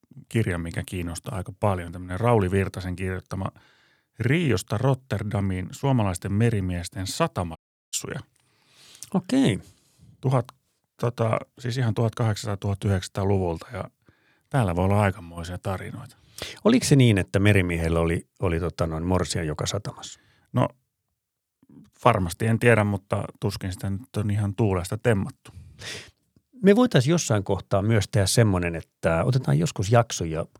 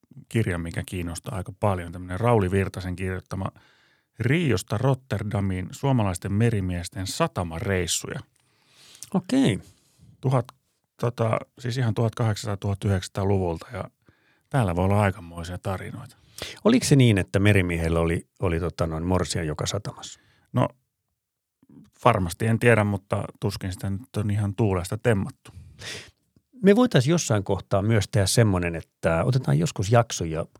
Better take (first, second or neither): second